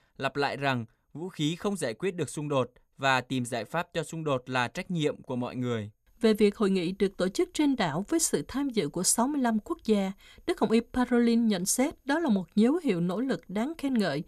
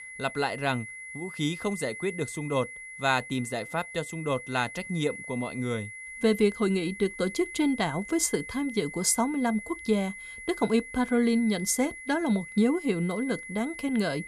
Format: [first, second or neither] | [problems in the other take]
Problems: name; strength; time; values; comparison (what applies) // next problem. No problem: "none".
first | high-pitched whine; noticeable; throughout; 2 kHz, 10 dB below the speech